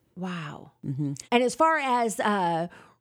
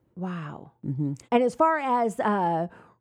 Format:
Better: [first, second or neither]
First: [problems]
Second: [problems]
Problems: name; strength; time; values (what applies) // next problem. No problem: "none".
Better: first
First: none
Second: muffled; slightly; fading above 2 kHz